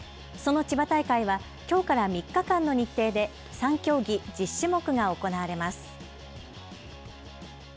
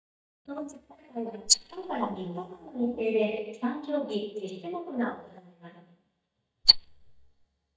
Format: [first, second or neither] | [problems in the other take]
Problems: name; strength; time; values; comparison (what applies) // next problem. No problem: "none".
first | noise reduction (neural mask model DeepFilterNet 3)